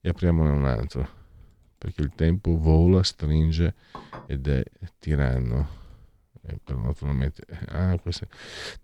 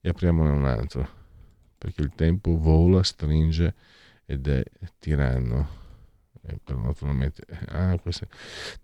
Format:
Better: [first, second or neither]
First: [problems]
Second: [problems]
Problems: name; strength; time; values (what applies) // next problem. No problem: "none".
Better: second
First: clattering dishes; faint; at 4 s; peak 15 dB below the speech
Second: none